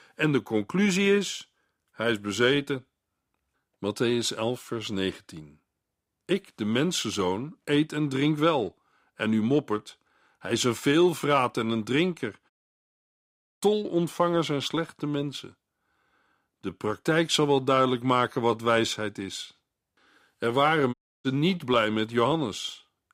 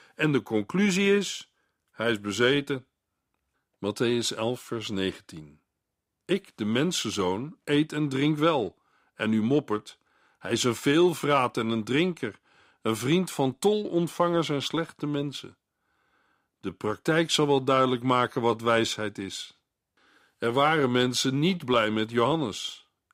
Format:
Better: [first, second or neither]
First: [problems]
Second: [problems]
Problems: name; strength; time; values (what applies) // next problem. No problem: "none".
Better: second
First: audio cutting out; at 13 s for 1 s and at 21 s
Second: none